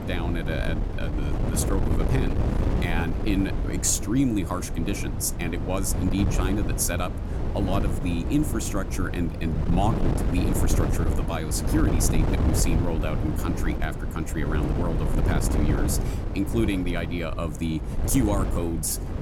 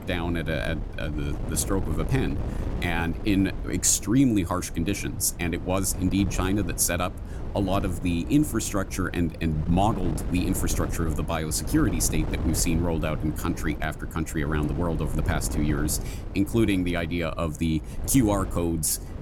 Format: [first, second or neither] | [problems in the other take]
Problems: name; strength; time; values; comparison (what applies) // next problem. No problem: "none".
second | wind noise on the microphone; heavy; 4 dB below the speech; occasional gusts in the second